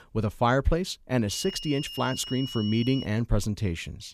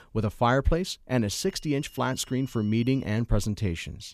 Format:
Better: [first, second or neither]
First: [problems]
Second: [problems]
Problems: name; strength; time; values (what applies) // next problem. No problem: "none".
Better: second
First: high-pitched whine; loud; from 1.5 to 3 s; 3 kHz, 10 dB below the speech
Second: high-pitched whine; faint; from 1.5 to 3 s; 3 kHz, 25 dB below the speech